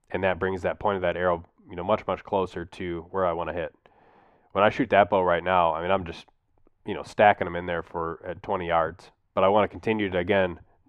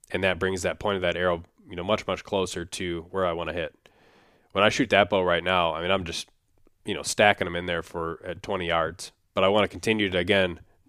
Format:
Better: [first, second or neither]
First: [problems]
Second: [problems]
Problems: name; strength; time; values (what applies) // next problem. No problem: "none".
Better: second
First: muffled; very; fading above 3.5 kHz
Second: none